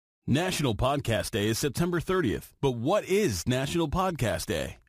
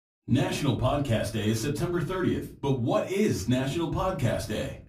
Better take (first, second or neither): first